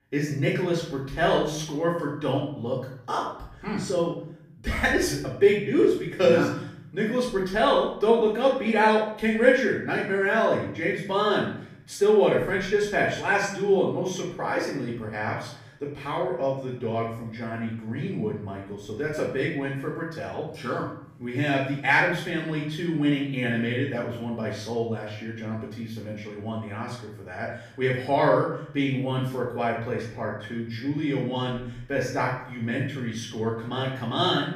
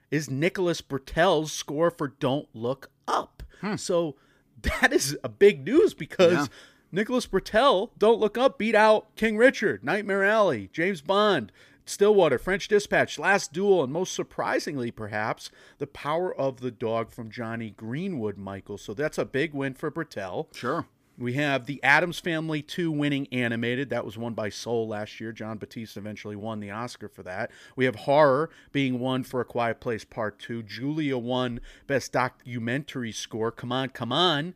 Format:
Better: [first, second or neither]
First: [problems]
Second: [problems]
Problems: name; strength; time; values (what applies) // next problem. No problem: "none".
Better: second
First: off-mic speech; far // room echo; noticeable; dies away in 0.7 s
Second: none